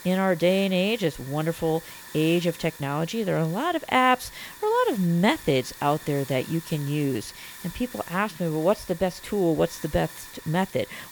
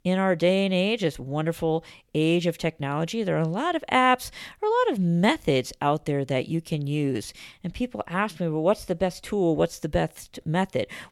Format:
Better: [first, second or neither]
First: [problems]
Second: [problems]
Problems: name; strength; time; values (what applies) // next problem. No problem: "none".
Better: second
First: hiss; noticeable; throughout; 15 dB below the speech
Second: none